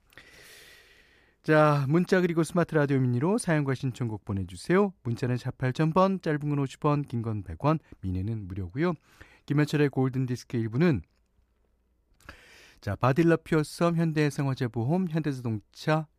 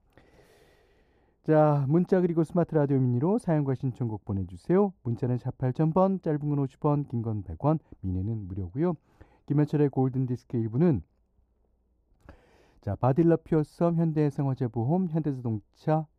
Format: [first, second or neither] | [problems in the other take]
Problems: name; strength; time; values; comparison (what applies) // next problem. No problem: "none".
first | muffled; slightly; fading above 1 kHz